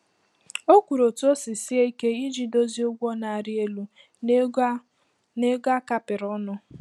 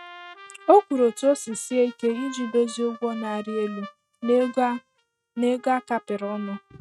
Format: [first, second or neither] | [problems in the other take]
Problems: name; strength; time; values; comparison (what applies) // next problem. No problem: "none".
first | noise reduction (neural mask model RNNoise)